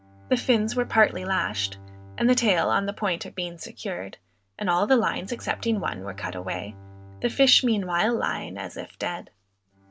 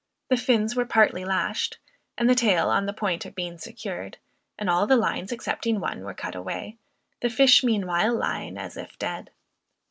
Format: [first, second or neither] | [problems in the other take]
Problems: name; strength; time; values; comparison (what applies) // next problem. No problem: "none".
second | background sound (Bowed string instrument); 20 dB below the speech